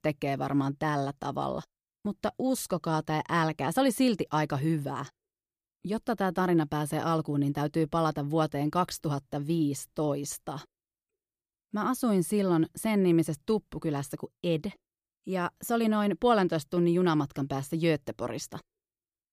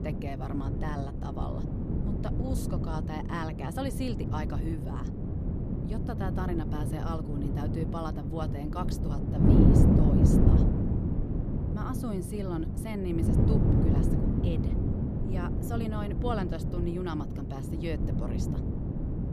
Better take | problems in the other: first | wind noise on the microphone; heavy; 1 dB above the speech

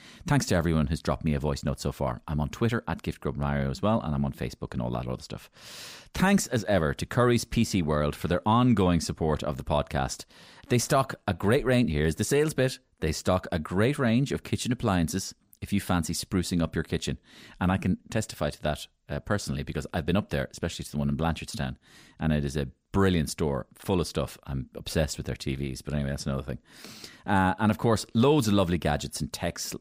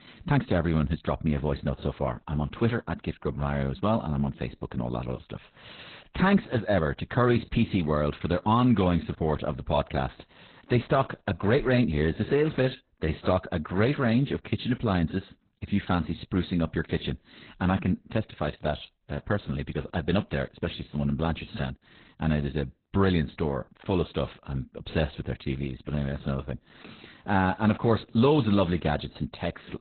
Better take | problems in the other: first | garbled, watery; badly; nothing above 4 kHz

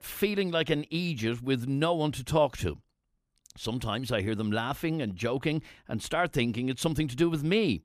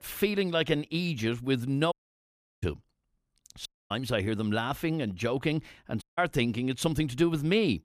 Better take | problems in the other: first | audio cutting out; at 2 s for 0.5 s, at 3.5 s and at 6 s

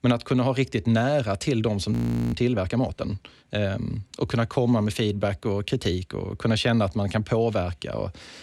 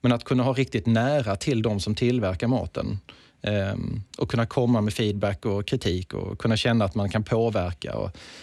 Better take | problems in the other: second | audio freezing; at 2 s

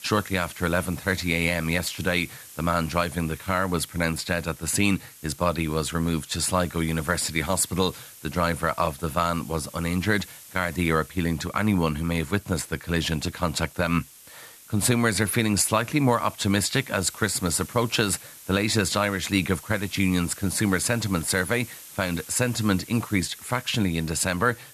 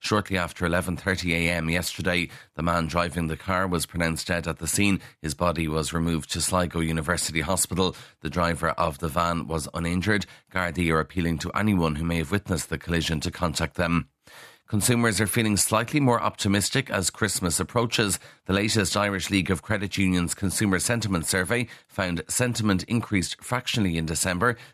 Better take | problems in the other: second | hiss; noticeable; throughout; 20 dB below the speech

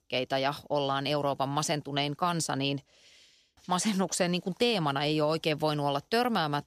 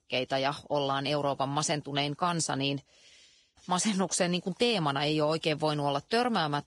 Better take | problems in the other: first | garbled, watery; badly

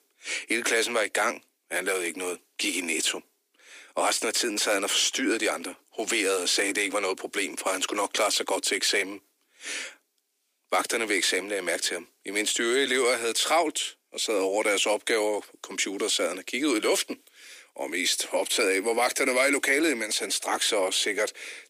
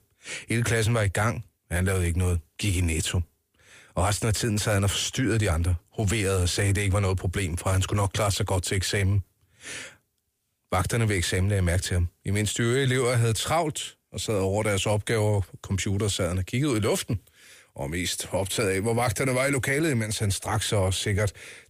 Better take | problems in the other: second | thin; very; fading below 300 Hz

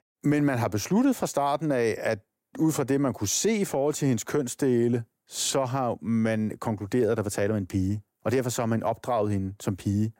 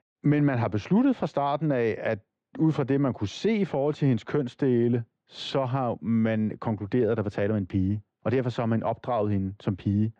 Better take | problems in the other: first | muffled; very; fading above 3.5 kHz

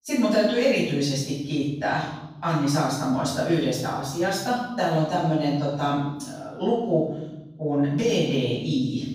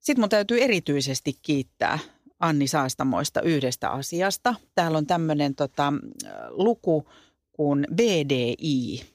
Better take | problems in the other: second | room echo; noticeable; dies away in 1 s // off-mic speech; far

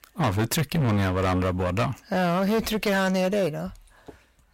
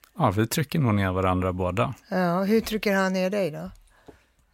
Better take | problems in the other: second | distortion; heavy; 19% of the sound clipped

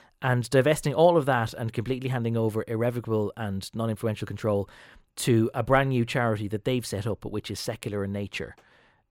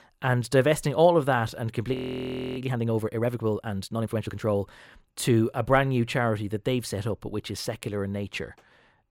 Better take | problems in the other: first | audio freezing; at 2 s for 0.5 s

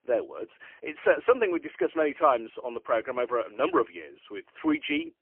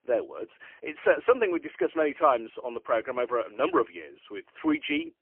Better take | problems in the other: neither | phone-call audio; poor line; nothing above 3 kHz; the same in both

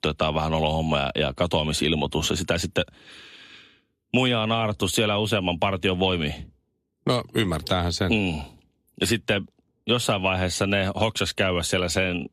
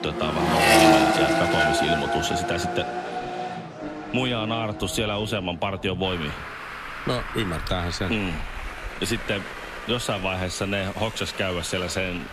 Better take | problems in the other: first | traffic noise; very loud; throughout; 2 dB above the speech

